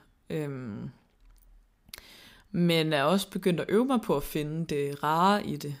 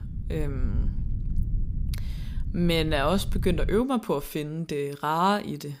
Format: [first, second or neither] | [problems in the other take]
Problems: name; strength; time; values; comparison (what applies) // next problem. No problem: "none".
first | low rumble; faint; until 4 s; 20 dB below the speech